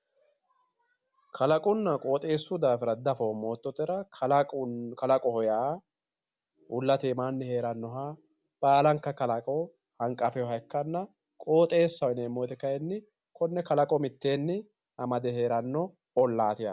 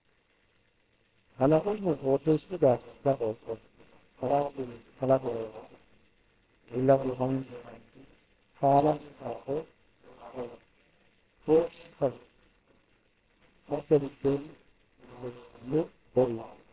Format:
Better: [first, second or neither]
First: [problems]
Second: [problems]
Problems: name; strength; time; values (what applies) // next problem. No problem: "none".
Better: first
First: none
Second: noise reduction (neural separator model SepFormer WHAMR!)